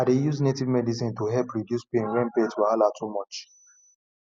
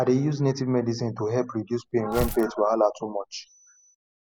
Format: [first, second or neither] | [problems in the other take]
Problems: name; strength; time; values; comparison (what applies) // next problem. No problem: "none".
first | background sound (Tearing); 11 dB below the speech